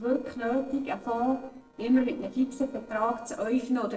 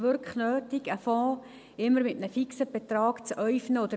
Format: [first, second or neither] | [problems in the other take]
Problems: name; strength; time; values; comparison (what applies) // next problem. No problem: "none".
second | noise reduction (neural separator model SepFormer DNS4)